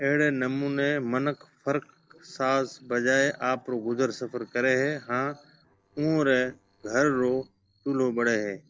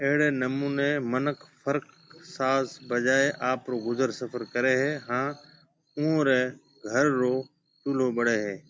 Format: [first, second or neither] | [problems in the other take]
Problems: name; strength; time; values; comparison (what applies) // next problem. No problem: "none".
second | noise reduction (neural separator model SepFormer DNS4)